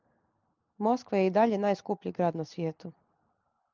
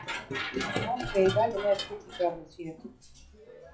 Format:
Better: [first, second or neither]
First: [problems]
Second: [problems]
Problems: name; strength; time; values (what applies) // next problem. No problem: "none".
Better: first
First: none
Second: noise reduction (classical method WPE with log-MMSE)